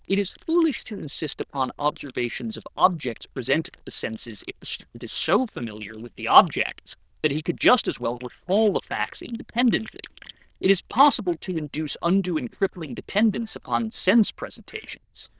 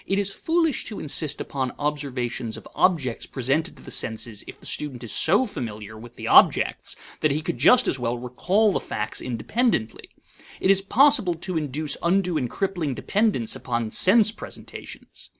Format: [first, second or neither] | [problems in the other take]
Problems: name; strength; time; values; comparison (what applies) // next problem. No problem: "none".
second | noise reduction (neural diffusion model UNIVERSE++)